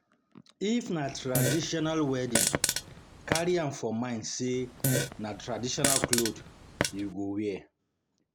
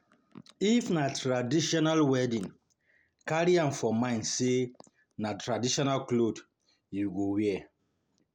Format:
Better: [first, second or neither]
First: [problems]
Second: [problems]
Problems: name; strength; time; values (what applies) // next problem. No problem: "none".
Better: second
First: background sound (Fart); 1 dB above the speech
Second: none